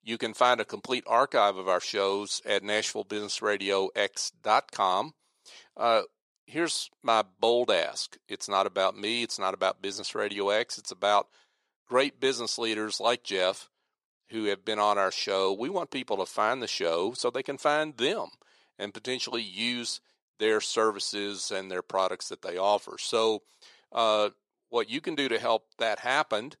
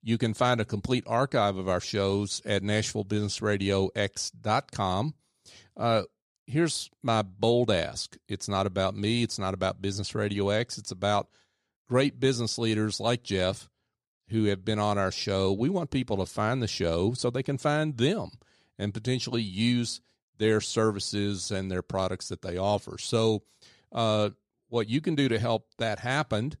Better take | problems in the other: second | thin; somewhat; fading below 450 Hz

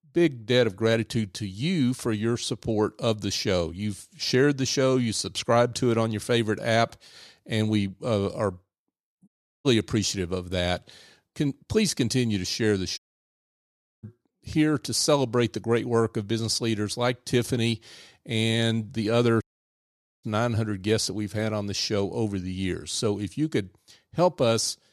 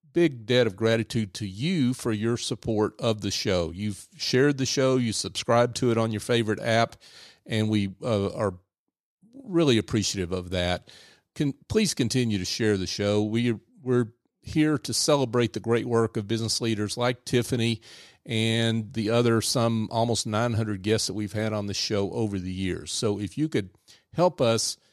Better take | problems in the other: second | audio cutting out; at 9.5 s, at 13 s for 1 s and at 19 s for 1 s

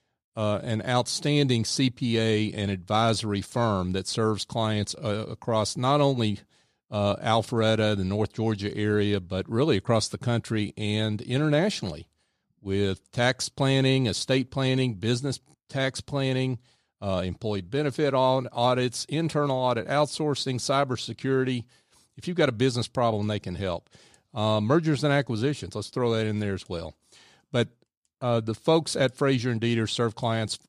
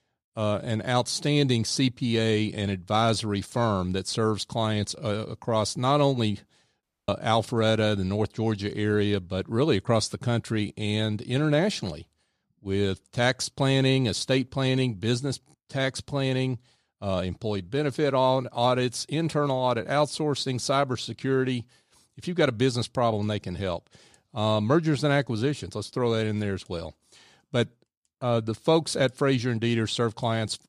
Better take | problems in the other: first | audio cutting out; at 7 s

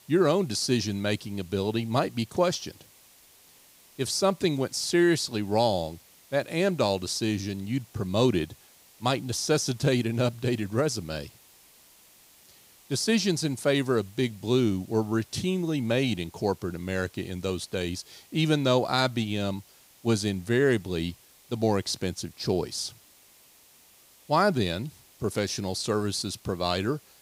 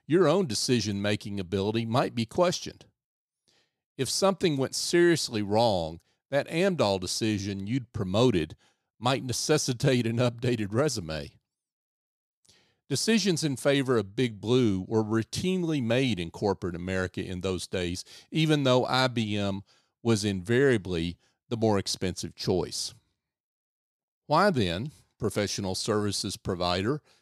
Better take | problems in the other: second | hiss; faint; throughout; 25 dB below the speech

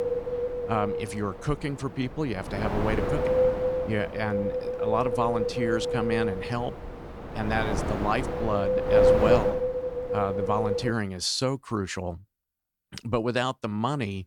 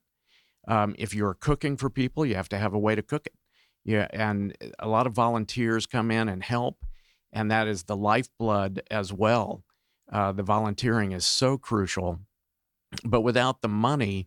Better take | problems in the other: second | wind noise on the microphone; heavy; until 11 s; 3 dB above the speech

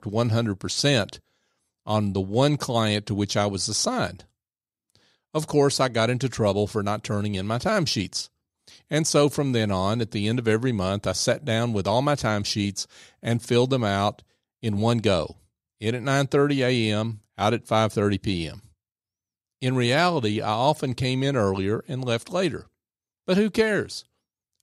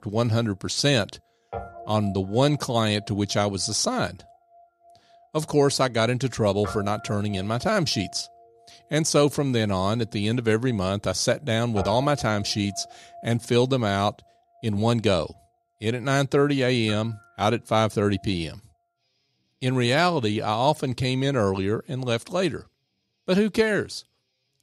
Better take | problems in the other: first | background music; noticeable; throughout; 20 dB below the speech

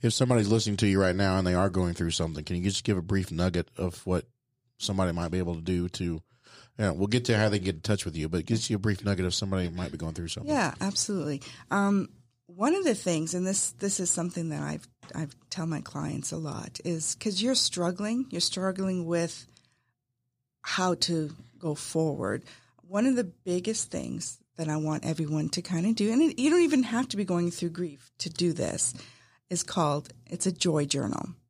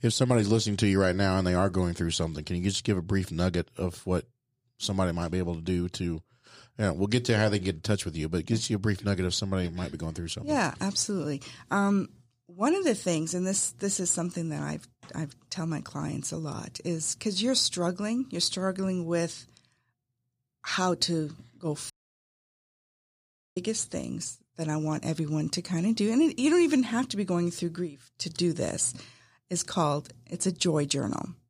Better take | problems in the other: first | audio cutting out; at 22 s for 1.5 s

